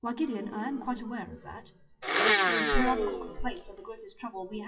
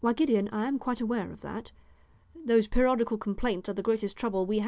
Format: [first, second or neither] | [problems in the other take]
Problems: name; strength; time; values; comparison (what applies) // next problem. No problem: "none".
second | noise reduction (classical method WPE with log-MMSE)